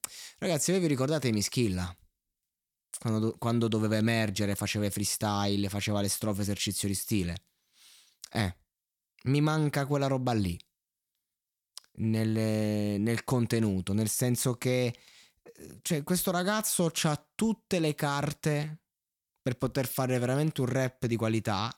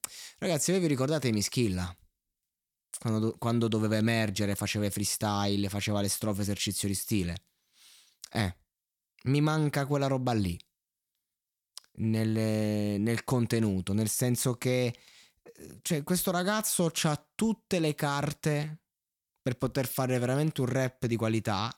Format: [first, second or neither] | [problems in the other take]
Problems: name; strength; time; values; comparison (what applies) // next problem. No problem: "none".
neither | none